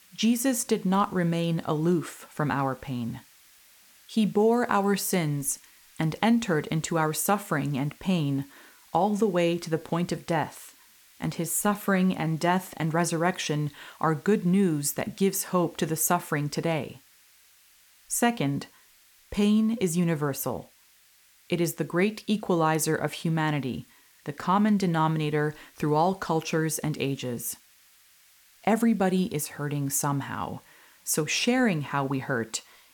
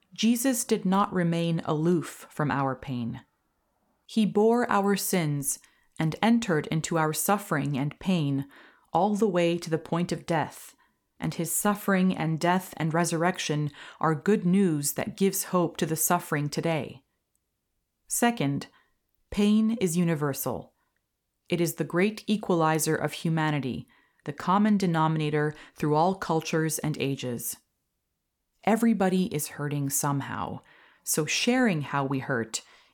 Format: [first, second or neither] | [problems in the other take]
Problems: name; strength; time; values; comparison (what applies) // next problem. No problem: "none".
second | hiss; faint; throughout; 30 dB below the speech